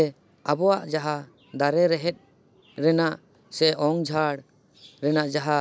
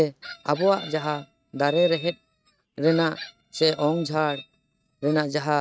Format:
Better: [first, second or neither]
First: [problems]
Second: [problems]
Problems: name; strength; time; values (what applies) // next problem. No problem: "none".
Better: first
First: none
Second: noise reduction (neural mask model RNNoise)